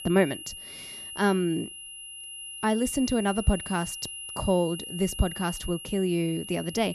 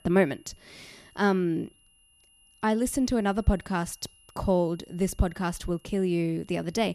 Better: second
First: high-pitched whine; loud; throughout; 3 kHz, 9 dB below the speech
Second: high-pitched whine; faint; throughout; 3 kHz, 30 dB below the speech

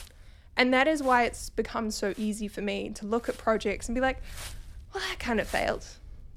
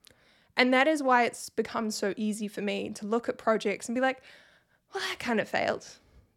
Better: second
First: wind noise on the microphone; occasional gusts; 20 dB below the speech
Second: none

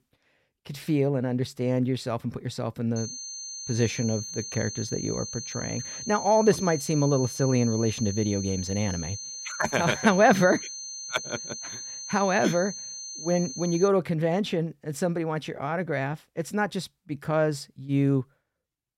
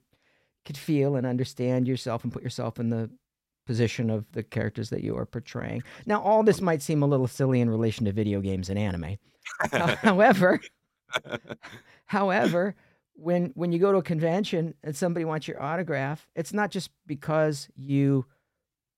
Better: second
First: high-pitched whine; loud; from 3 to 14 s; 6 kHz, 8 dB below the speech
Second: none

